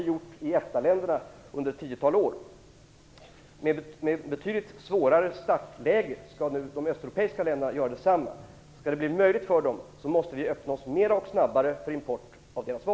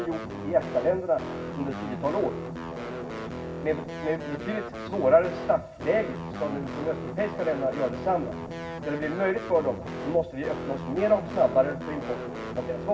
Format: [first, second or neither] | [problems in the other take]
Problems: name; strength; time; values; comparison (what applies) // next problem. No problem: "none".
first | background sound (Guitar); 7 dB below the speech // room echo; dies away in 0.4 s